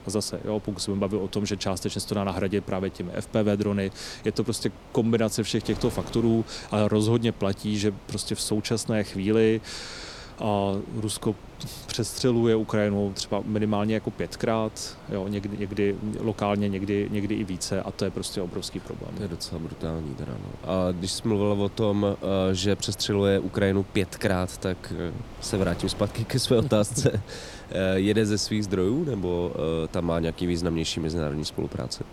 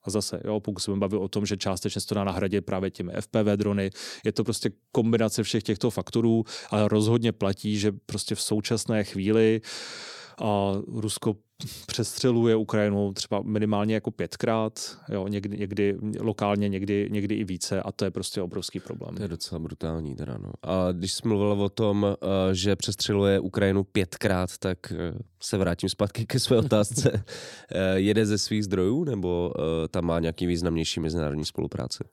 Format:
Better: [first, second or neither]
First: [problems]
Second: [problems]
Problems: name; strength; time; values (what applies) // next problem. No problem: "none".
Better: second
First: wind noise on the microphone; occasional gusts; 20 dB below the speech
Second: none